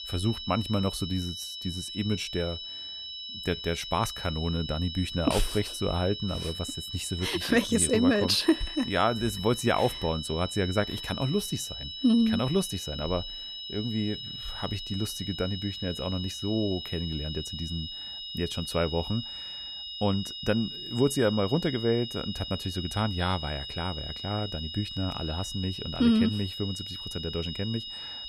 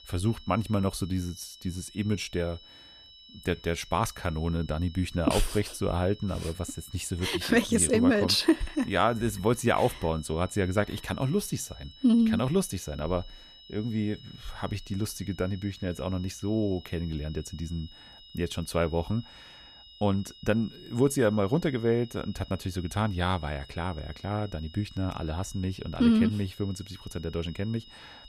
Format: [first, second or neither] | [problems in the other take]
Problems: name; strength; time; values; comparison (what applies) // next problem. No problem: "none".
second | high-pitched whine; loud; throughout; 4 kHz, 7 dB below the speech; faint in the second